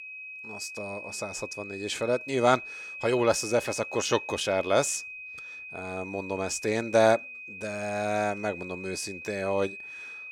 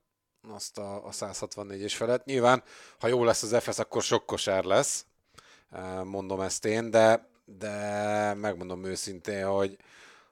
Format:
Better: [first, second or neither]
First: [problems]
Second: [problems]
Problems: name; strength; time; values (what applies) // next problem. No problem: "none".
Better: second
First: high-pitched whine; noticeable; throughout; 2.5 kHz, 10 dB below the speech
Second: none